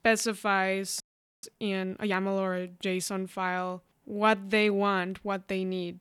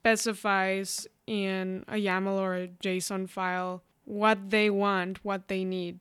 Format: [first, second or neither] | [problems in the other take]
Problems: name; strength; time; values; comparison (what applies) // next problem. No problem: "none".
second | audio freezing; at 1 s